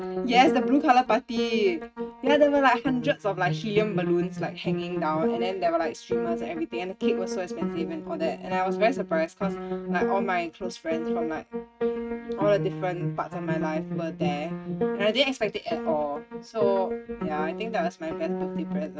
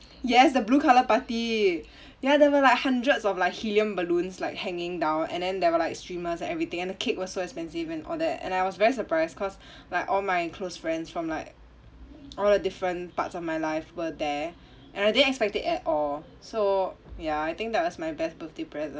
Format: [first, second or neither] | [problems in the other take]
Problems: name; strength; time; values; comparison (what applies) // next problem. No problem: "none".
second | noise reduction (neural mask model RNNoise)